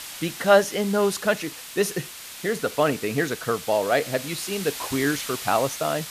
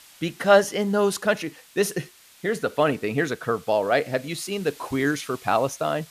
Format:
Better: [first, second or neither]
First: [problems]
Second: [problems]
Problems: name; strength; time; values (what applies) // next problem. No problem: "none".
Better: second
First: hiss; loud; throughout; 10 dB below the speech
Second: hiss; faint; throughout; 25 dB below the speech